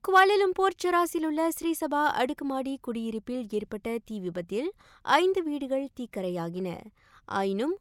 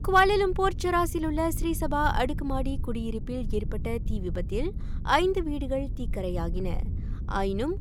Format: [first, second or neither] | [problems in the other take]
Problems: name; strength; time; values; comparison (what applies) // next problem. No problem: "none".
first | low rumble; faint; throughout; 20 dB below the speech